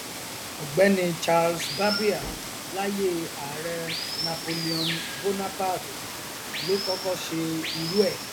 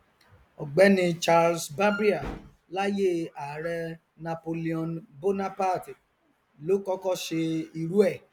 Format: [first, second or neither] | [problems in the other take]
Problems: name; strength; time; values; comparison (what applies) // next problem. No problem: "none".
second | background sound (Water); 5 dB below the speech